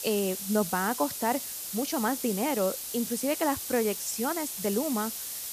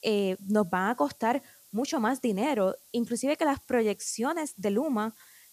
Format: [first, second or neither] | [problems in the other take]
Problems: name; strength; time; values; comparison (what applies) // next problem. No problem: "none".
second | hiss; loud; throughout; 4 dB below the speech; faint in the second